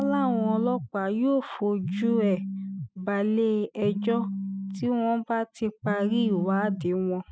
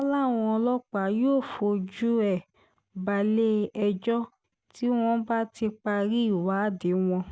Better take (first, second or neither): second